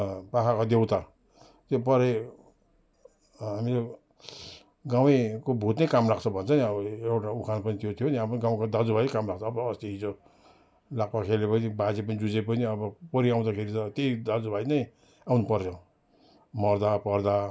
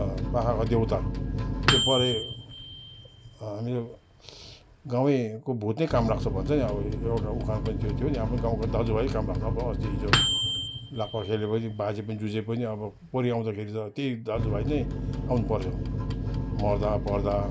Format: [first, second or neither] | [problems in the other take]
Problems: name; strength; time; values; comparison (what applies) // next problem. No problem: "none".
first | background sound (Microwave oven); 1 dB below the speech